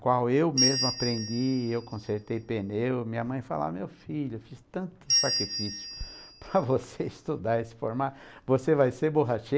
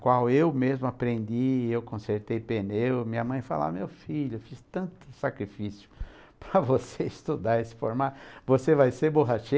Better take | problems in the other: second | background sound (Bell); 4 dB below the speech

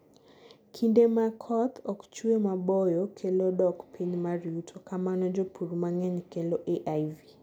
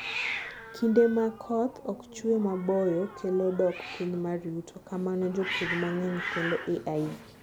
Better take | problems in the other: first | background sound (Hiss); 10 dB below the speech

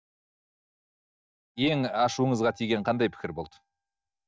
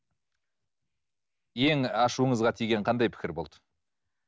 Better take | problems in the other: second | noise reduction (neural mask model DeepFilterNet 3)

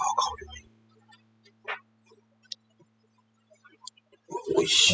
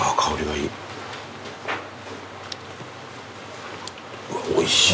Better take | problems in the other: second | noise reduction (classical method spectral subtraction)

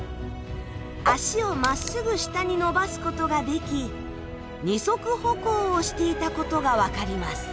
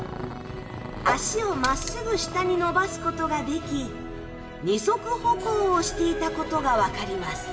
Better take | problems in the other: first | background sound (Growling); 19 dB below the speech // room echo; dies away in 0.5 s

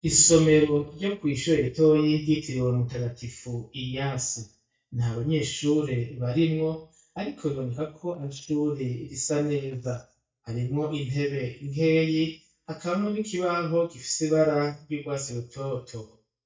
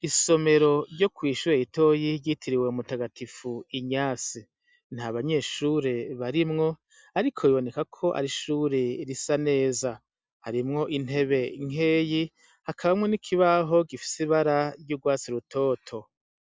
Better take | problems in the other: second | noise reduction (neural mask model DeepFilterNet 3)

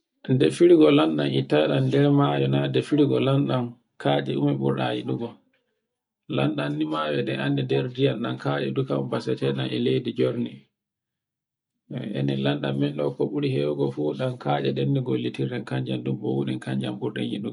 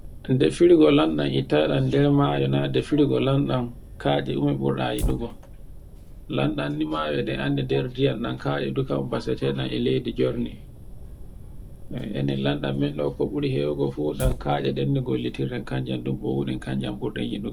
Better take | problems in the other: first | background sound (Fire); 13 dB below the speech

